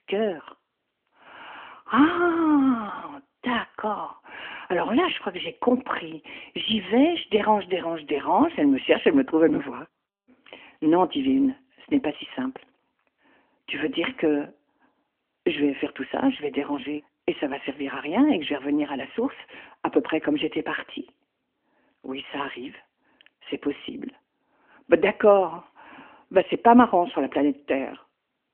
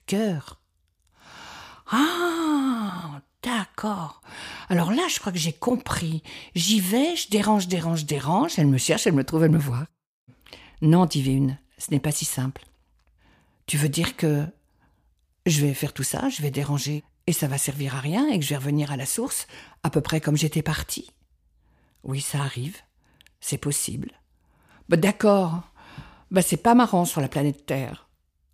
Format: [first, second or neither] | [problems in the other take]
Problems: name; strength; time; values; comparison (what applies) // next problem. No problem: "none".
second | phone-call audio; nothing above 3.5 kHz